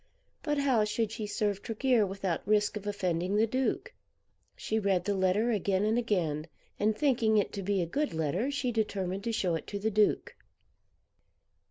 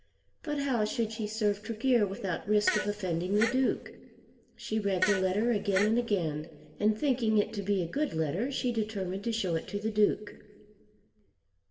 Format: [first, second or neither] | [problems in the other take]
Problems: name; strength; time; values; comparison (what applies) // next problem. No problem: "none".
first | background sound (Fart); 6 dB below the speech // room echo; dies away in 1.5 s